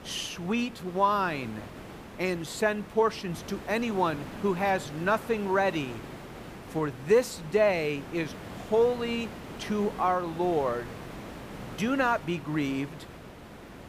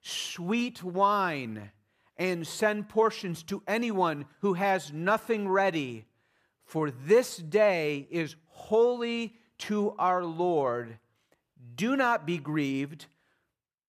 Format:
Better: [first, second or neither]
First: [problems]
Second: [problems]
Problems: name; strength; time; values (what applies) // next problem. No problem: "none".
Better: second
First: hiss; noticeable; throughout; 15 dB below the speech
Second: none